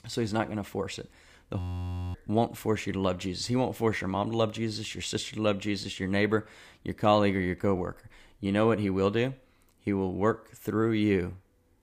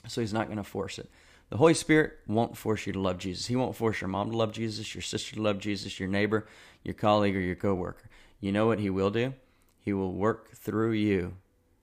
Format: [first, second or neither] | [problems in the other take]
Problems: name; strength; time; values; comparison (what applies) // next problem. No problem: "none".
second | audio freezing; at 1.5 s for 0.5 s